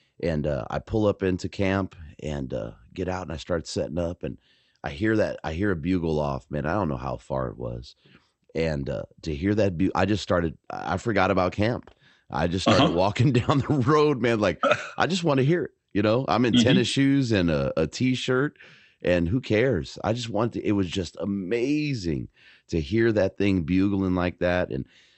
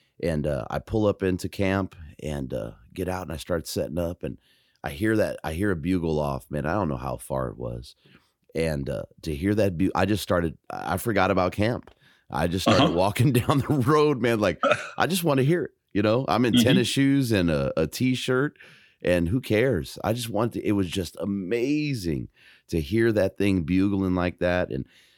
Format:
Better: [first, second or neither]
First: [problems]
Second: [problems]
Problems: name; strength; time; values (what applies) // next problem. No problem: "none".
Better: second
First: garbled, watery; slightly; nothing above 8.5 kHz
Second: none